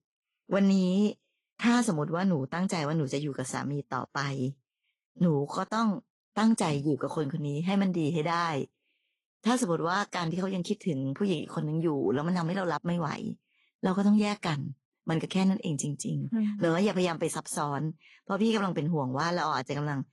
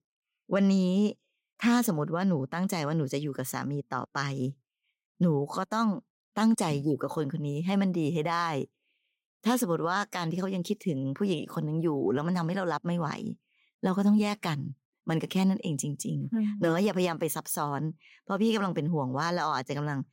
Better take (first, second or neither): second